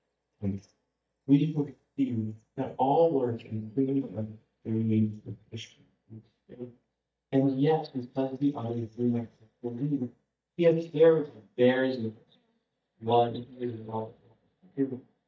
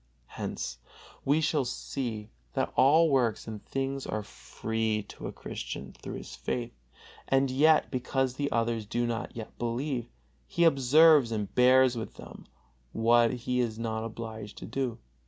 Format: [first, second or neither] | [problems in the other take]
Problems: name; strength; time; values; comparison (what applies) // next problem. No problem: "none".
second | noise reduction (neural mask model DeepFilterNet 3)